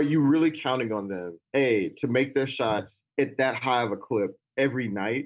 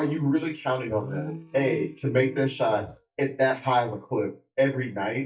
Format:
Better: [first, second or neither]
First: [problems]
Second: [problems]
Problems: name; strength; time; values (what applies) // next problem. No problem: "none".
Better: first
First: none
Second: noise reduction (neural mask model DeepFilterNet 3)